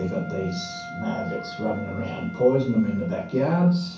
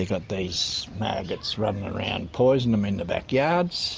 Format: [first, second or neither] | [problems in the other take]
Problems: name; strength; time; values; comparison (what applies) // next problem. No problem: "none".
second | background sound (Wind instrument, woodwind instrument); 16 dB below the speech // room echo; dies away in 0.6 s